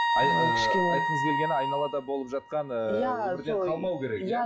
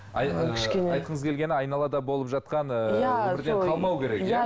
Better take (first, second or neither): second